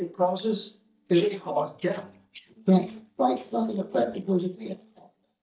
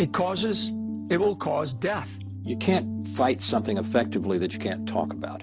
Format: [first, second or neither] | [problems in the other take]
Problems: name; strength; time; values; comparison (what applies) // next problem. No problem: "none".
second | noise reduction (neural mask model DeepFilterNet 3)